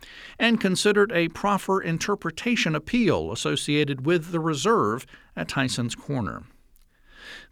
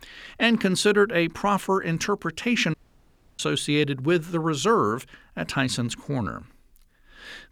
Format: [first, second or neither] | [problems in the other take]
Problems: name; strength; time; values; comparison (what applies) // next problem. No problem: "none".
first | audio cutting out; at 2.5 s for 0.5 s